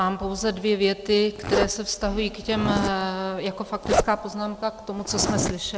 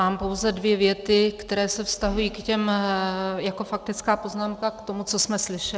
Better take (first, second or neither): second